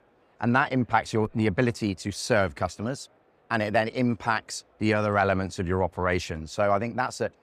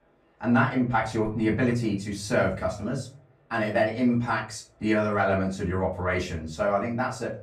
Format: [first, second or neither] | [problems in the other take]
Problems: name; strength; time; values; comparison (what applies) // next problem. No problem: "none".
first | off-mic speech; far // room echo; slight; dies away in 0.4 s